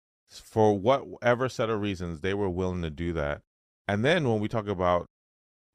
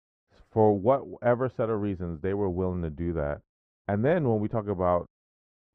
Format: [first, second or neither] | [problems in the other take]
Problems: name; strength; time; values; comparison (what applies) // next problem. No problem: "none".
first | muffled; very; fading above 3 kHz